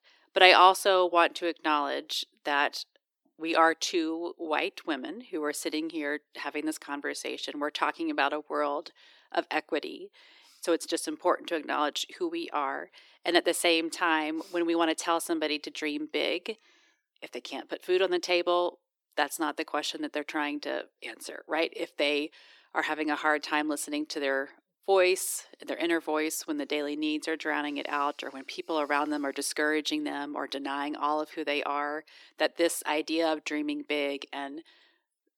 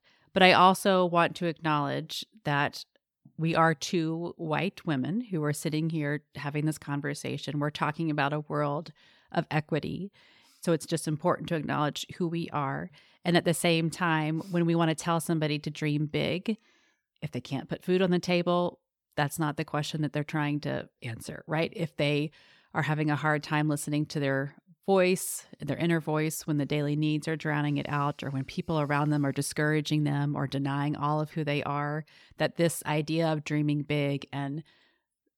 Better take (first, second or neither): second